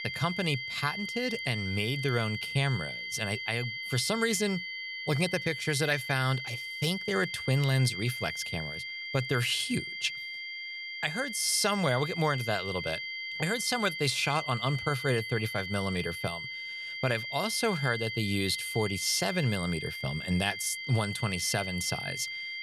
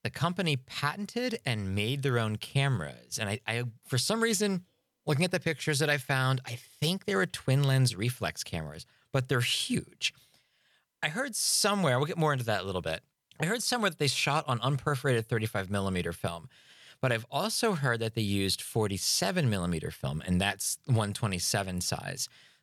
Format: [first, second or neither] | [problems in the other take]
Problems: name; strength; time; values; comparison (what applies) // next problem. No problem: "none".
second | high-pitched whine; loud; throughout; 2 kHz, 5 dB below the speech